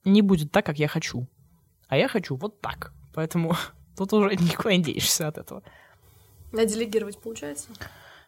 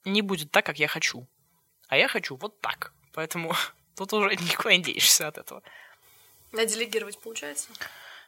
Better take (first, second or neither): first